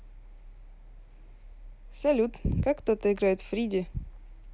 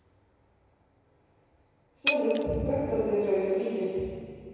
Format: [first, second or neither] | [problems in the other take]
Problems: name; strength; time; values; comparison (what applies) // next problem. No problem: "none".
first | background sound (Shatter); 8 dB below the speech // room echo; dies away in 2.2 s